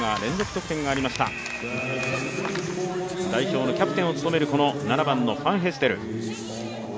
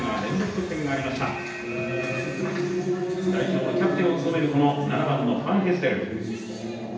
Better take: first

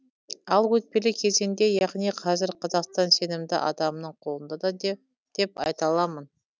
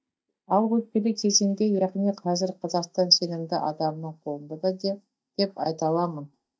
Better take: first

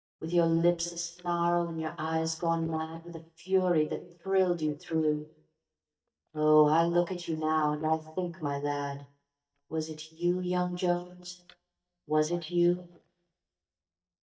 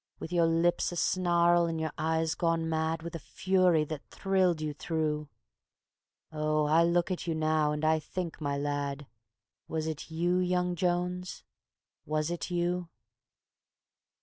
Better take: second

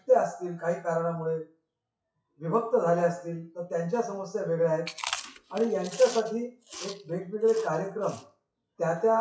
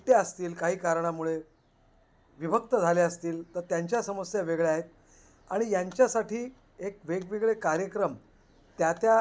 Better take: second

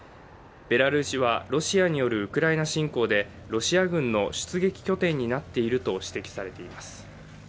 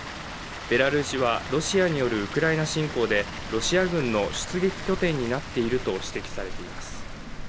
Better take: first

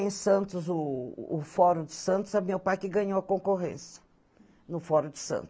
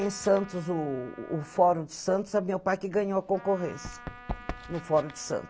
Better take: first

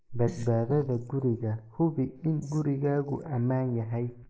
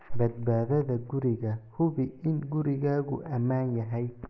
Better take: second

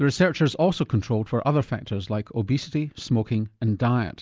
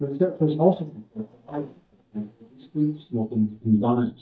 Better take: first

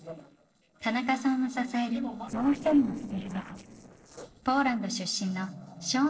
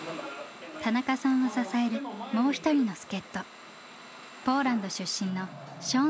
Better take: second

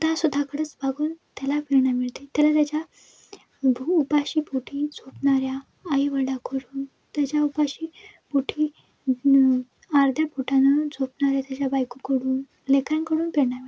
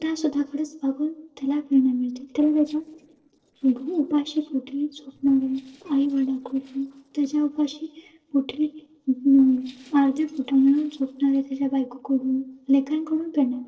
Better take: first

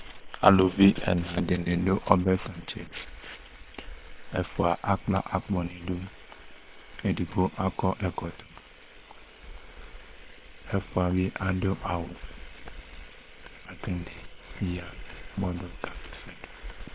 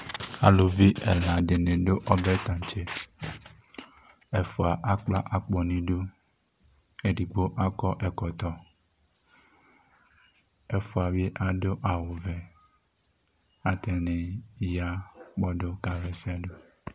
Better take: second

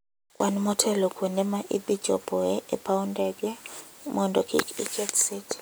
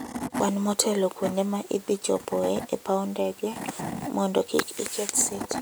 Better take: first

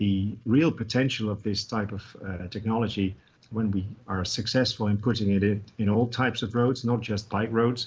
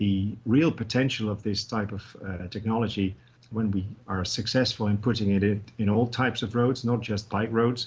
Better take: second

